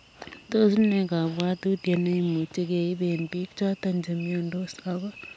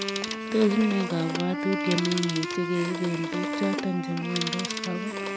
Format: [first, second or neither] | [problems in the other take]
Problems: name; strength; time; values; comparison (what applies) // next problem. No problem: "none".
first | background sound (Wind instrument, woodwind instrument + Telephone); 3 dB below the speech